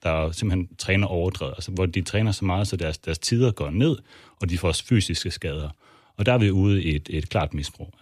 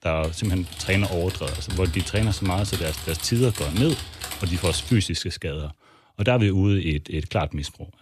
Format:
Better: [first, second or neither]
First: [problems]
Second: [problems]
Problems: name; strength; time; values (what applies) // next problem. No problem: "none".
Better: first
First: none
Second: keyboard typing; noticeable; until 5 s; peak 5 dB below the speech